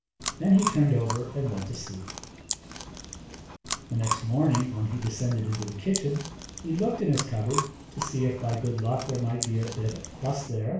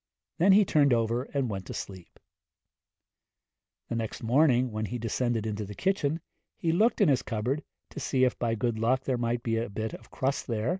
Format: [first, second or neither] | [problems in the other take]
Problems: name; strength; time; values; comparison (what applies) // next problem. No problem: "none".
second | background sound (Chewing, mastication); 8 dB below the speech // room echo; dies away in 0.4 s